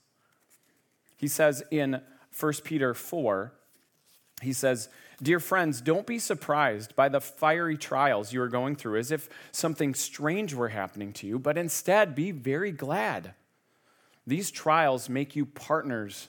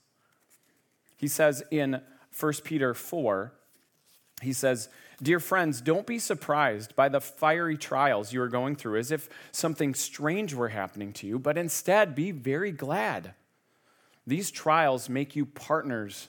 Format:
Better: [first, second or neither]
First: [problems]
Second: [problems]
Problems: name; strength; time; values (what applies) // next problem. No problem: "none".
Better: neither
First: none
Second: none